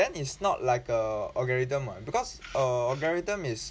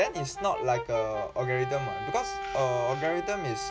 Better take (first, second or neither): first